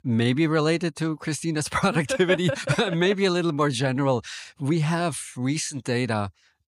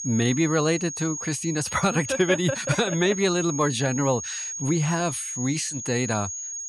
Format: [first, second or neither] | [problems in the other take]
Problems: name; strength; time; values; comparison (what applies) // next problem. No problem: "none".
first | high-pitched whine; loud; throughout; 6.5 kHz, 6 dB below the speech